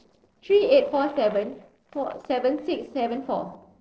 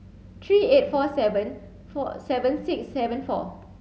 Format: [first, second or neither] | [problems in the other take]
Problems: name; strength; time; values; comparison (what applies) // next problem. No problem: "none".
second | noise reduction (neural separator model SepFormer DNS4)